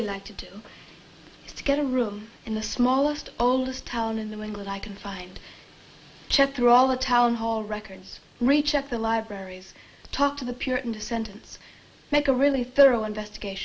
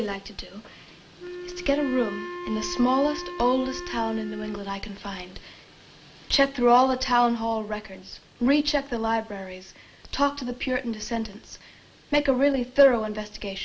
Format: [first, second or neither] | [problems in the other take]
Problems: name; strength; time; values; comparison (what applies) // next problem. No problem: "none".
first | background sound (Wind instrument, woodwind instrument); 10 dB below the speech